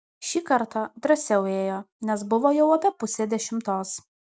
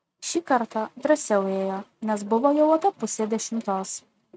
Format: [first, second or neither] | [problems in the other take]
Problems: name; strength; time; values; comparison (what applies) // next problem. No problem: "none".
first | noise reduction (neural mask model RNNoise)